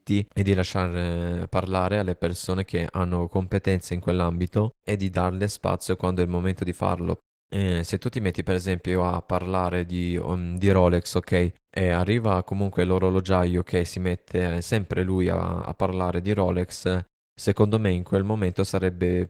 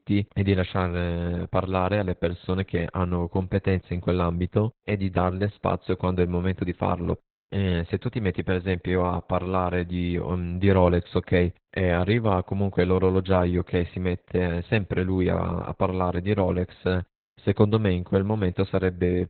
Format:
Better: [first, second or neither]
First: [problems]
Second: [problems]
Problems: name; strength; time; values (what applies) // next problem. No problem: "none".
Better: first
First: garbled, watery; slightly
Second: garbled, watery; badly; nothing above 4 kHz